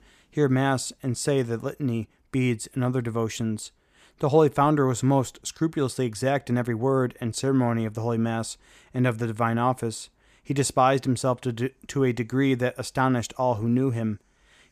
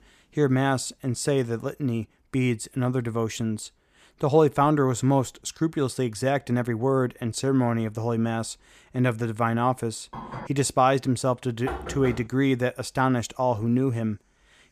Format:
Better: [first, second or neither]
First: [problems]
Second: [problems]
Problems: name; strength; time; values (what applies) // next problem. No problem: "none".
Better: first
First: none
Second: clattering dishes; faint; at 10 s; peak 10 dB below the speech // door banging; noticeable; at 12 s; peak 9 dB below the speech